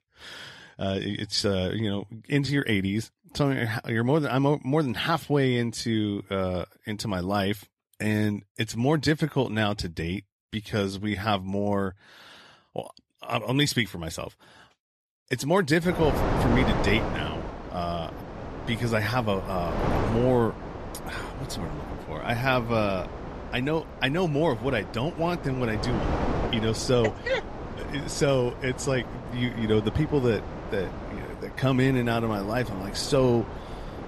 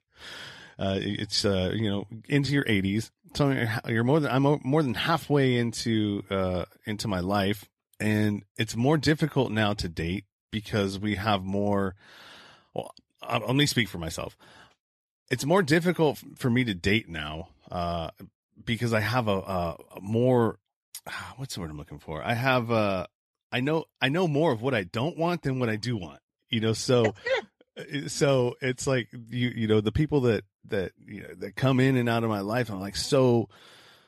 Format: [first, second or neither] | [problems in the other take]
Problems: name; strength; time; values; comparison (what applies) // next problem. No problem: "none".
second | wind noise on the microphone; heavy; from 16 s on; 7 dB below the speech